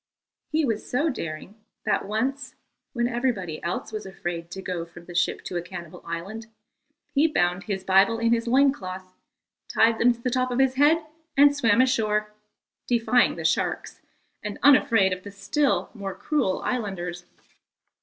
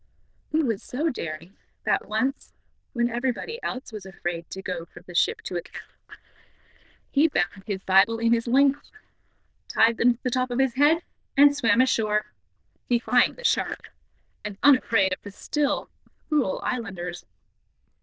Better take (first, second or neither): first